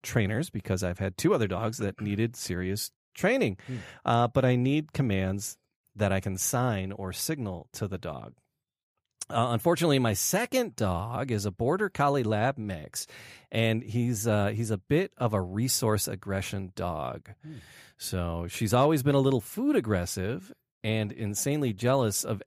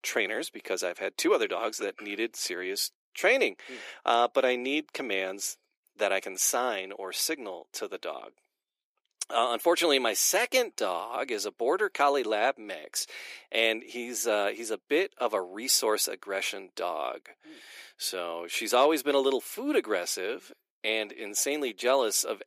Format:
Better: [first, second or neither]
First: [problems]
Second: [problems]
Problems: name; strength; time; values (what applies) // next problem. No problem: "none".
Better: first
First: none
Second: thin; very; fading below 350 Hz